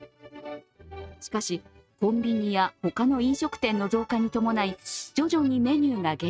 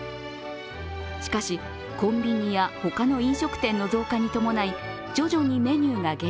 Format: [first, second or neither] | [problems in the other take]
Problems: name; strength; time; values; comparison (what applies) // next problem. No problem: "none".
second | noise reduction (neural mask model RNNoise)